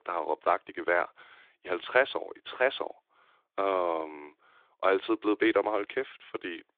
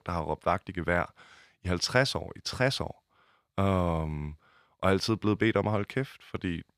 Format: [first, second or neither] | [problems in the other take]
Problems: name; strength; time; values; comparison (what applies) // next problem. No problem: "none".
second | phone-call audio